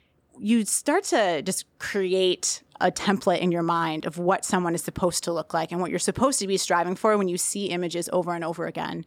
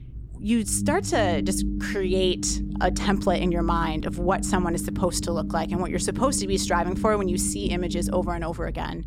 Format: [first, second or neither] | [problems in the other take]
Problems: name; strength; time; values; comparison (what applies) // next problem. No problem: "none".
first | low rumble; noticeable; throughout; 10 dB below the speech